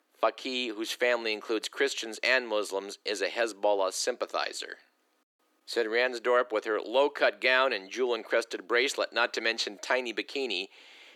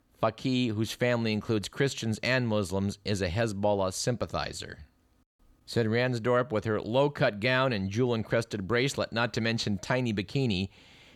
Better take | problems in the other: second | thin; very; fading below 300 Hz

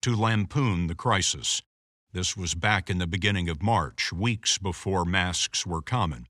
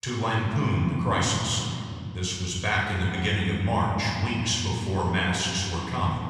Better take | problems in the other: first | off-mic speech; far // room echo; noticeable; dies away in 3 s

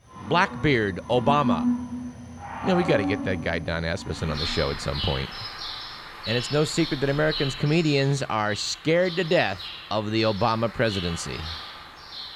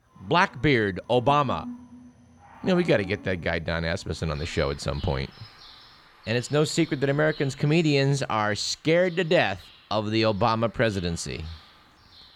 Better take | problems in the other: second | animal sounds; loud; throughout; 8 dB below the speech; faint in the second

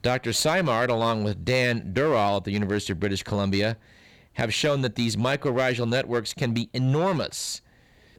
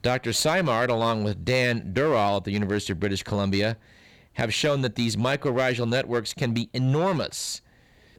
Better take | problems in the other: neither | distortion; slight; 6% of the sound clipped; the same in both

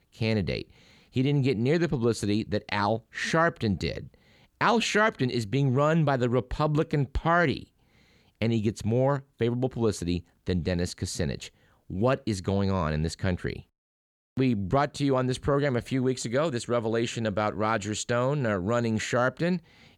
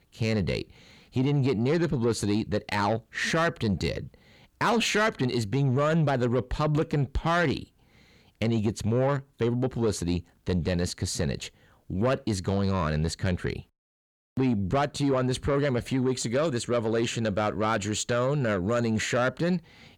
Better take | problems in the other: first | distortion; slight; 10 dB below the speech

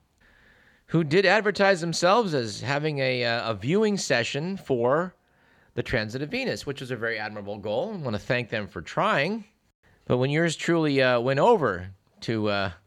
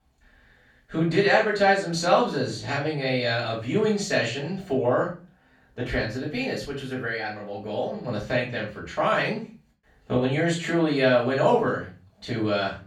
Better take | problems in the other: first | off-mic speech; far // room echo; slight; dies away in 0.3 s

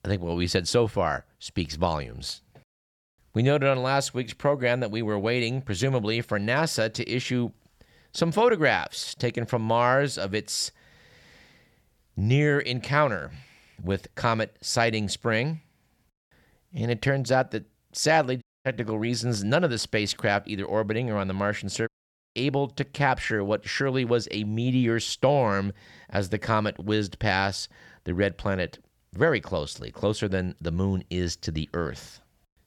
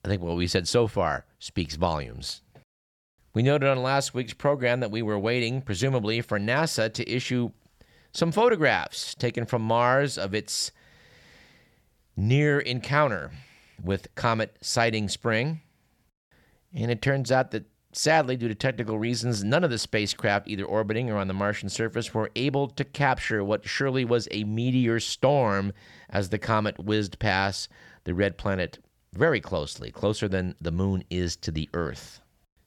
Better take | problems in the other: second | audio cutting out; at 18 s and at 22 s

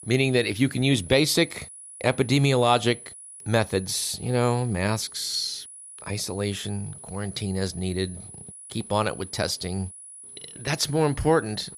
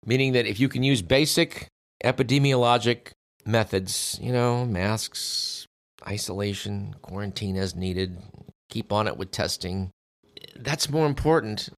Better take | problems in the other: second | high-pitched whine; noticeable; throughout; 10 kHz, 15 dB below the speech

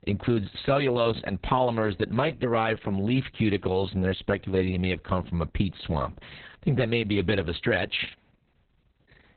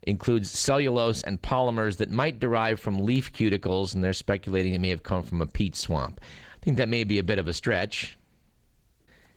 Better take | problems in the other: second | garbled, watery; badly; nothing above 4 kHz; slightly in the second

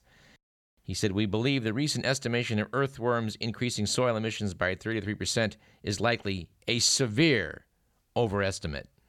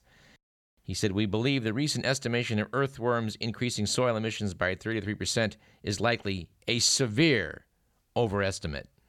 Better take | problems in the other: neither | none

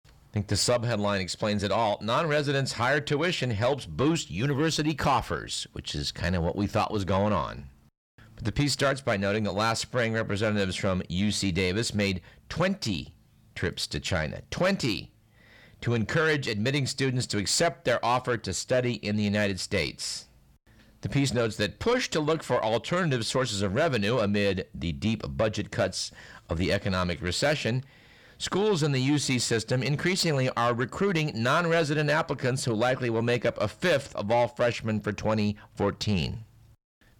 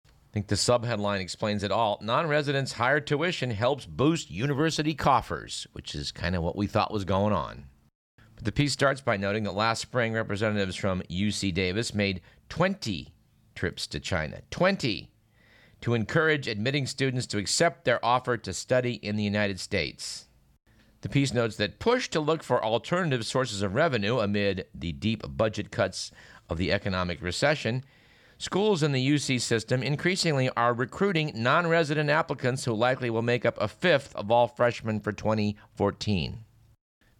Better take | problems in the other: second | distortion; slight; 10 dB below the speech

